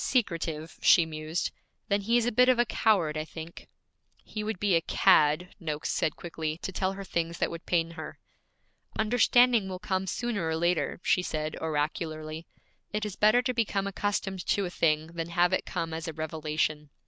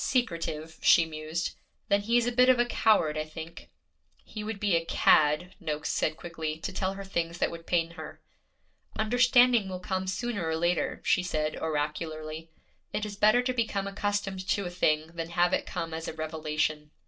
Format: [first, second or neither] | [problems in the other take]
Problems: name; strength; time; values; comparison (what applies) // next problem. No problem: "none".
first | room echo; dies away in 0.2 s